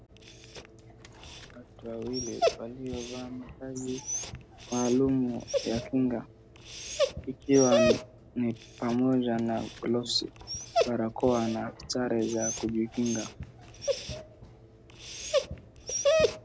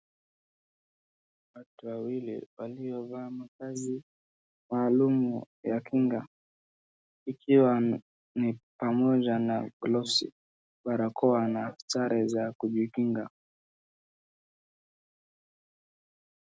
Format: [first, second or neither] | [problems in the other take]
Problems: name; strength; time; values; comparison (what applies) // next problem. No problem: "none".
second | background sound (Dog); 2 dB below the speech